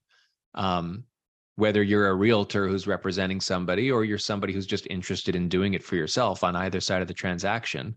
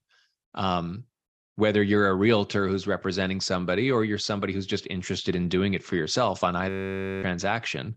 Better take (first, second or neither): first